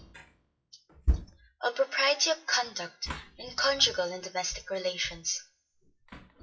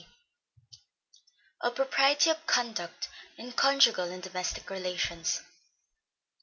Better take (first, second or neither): second